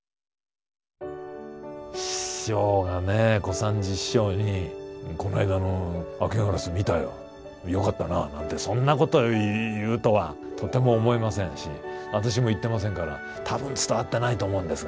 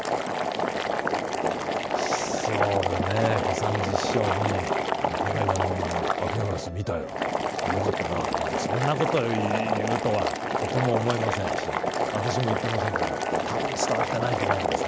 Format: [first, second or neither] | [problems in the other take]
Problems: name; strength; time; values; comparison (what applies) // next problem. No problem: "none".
first | background sound (Boiling); 3 dB above the speech